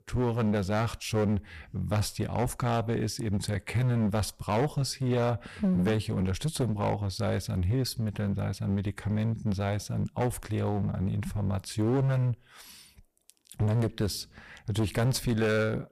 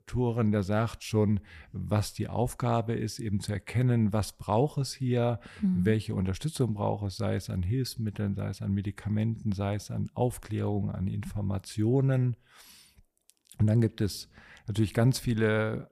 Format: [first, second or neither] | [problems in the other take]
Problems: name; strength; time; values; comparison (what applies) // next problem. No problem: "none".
second | distortion; heavy; 13% of the sound clipped